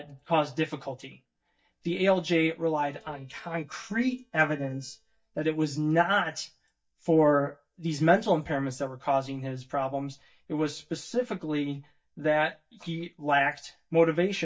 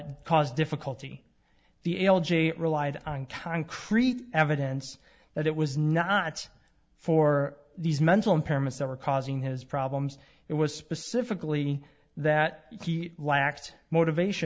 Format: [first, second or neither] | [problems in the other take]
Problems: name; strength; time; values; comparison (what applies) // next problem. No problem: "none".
second | noise reduction (neural mask model DeepFilterNet 3)